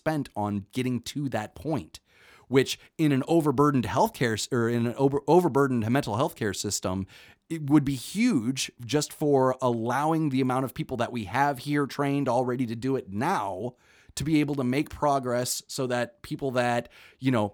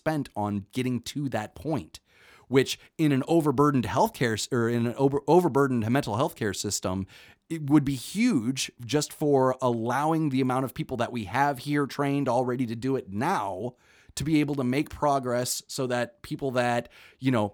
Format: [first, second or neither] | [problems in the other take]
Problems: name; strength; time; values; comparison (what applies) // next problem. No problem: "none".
neither | none